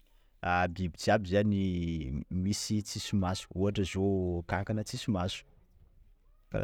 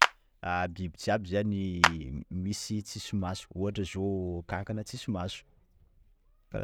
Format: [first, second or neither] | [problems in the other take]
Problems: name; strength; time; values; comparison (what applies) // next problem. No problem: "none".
first | background sound (Clapping); 2 dB above the speech